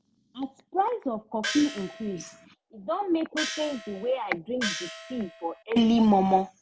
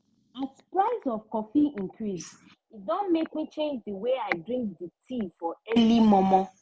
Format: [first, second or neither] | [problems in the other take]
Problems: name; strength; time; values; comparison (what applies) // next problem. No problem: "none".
second | background sound (Gong); 9 dB below the speech